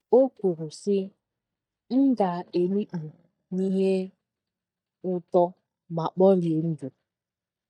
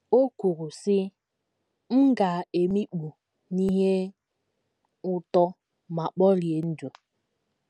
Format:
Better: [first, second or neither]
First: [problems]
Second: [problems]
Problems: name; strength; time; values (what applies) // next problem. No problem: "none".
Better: second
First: noise reduction (neural mask model DeepFilterNet 3)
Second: none